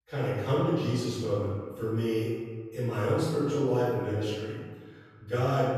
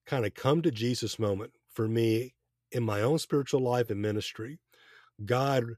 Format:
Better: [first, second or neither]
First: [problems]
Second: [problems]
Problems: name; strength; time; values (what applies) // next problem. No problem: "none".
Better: second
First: off-mic speech; far // room echo; strong; dies away in 1.5 s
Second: none